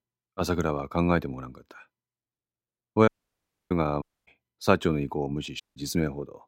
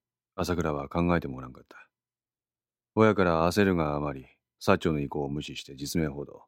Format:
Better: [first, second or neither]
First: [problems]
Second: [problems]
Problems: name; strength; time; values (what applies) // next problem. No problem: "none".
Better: second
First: audio cutting out; at 3 s for 0.5 s, at 4 s and at 5.5 s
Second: none